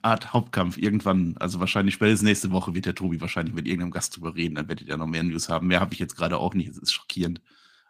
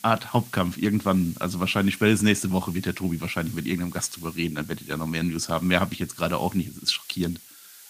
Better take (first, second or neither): first